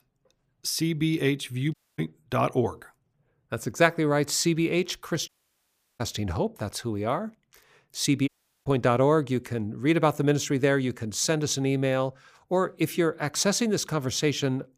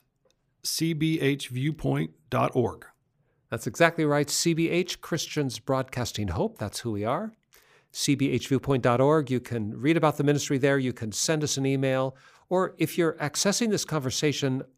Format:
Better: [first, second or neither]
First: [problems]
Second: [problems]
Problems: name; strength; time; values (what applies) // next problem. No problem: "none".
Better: second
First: audio cutting out; at 1.5 s, at 5.5 s for 0.5 s and at 8.5 s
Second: none